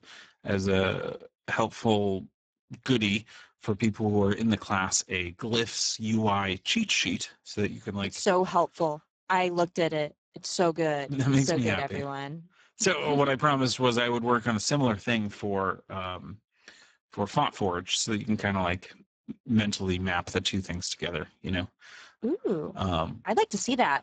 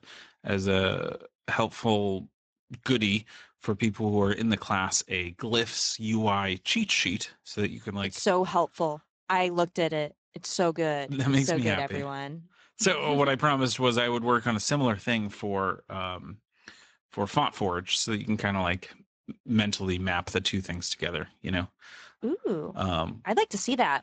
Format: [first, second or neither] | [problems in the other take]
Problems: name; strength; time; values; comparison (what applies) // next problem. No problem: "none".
second | garbled, watery; badly; nothing above 7.5 kHz; slightly in the second